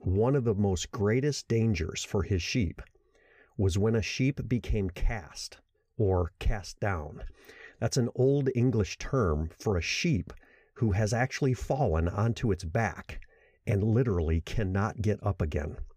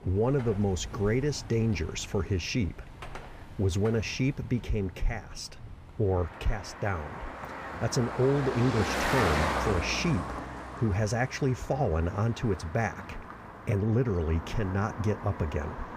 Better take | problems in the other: first | traffic noise; loud; throughout; 7 dB below the speech

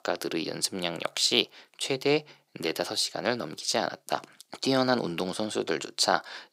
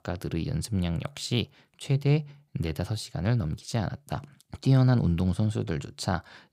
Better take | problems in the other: second | thin; very; fading below 350 Hz

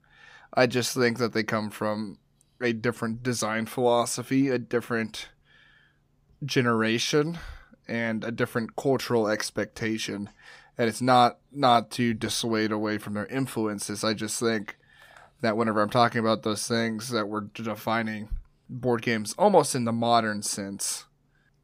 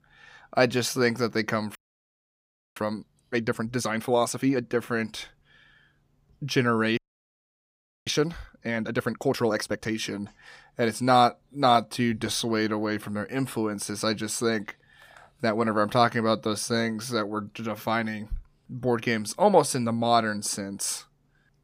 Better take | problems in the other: first | audio freezing; at 2 s for 1 s and at 7 s for 1 s

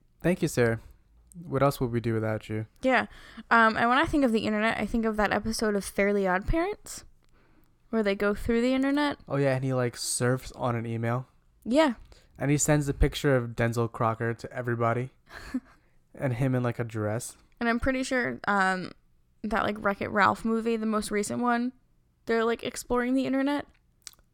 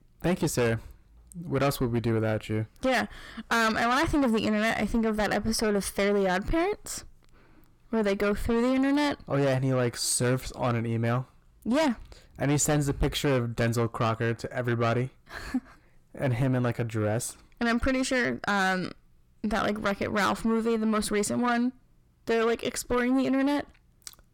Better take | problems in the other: first | distortion; heavy; 8 dB below the speech

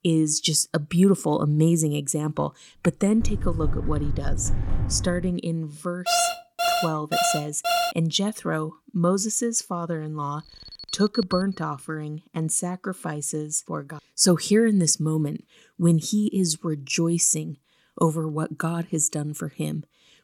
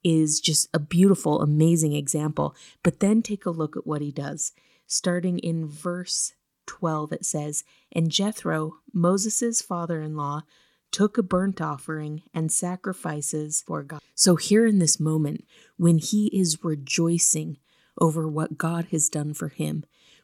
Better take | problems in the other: second | door banging; noticeable; from 3 to 5.5 s; peak 4 dB below the speech // alarm; loud; from 6 to 8 s; peak 1 dB above the speech // alarm; noticeable; from 10 to 12 s; peak 9 dB below the speech

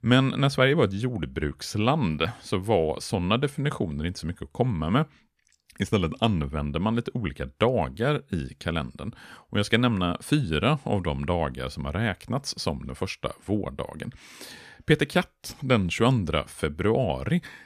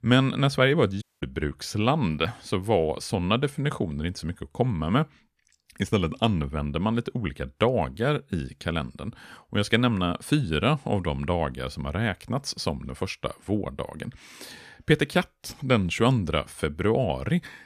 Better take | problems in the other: first | audio cutting out; at 1 s

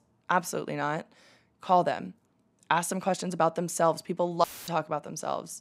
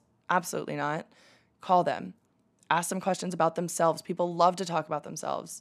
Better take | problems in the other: second | audio cutting out; filled with static; at 4.5 s

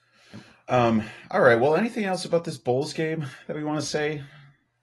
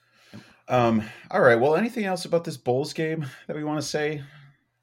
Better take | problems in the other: second | garbled, watery; slightly

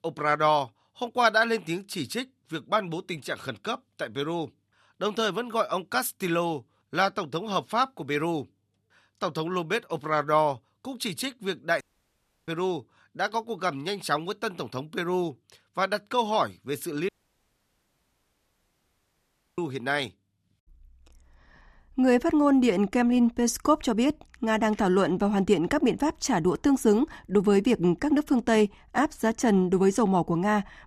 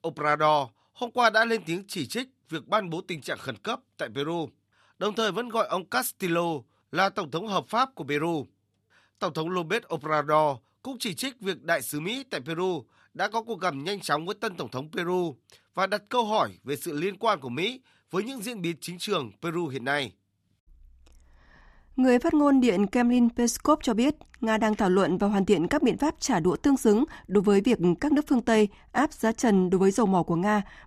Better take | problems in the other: second | audio cutting out; at 12 s for 0.5 s and at 17 s for 2.5 s

